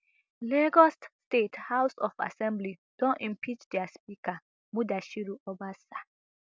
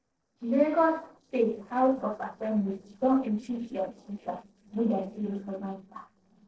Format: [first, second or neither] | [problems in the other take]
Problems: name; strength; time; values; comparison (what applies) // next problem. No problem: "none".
first | noise reduction (neural separator model SepFormer DNS4)